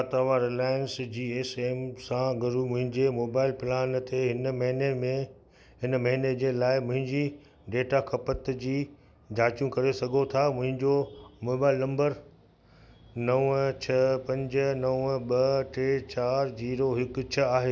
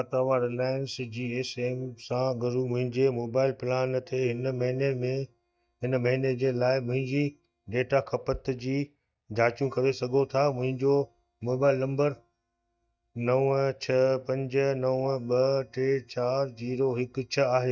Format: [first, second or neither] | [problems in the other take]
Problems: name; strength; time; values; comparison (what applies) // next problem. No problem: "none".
first | noise reduction (neural mask model DeepFilterNet 3)